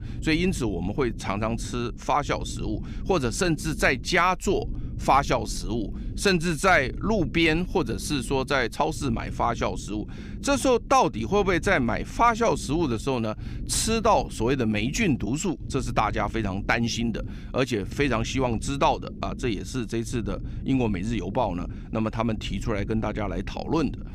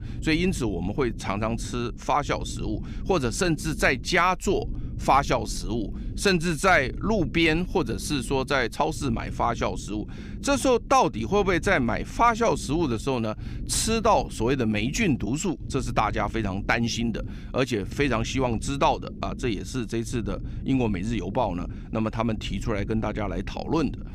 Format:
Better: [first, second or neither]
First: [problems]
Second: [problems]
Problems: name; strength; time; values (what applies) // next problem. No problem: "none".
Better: neither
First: low rumble; faint; throughout; 20 dB below the speech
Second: low rumble; faint; throughout; 20 dB below the speech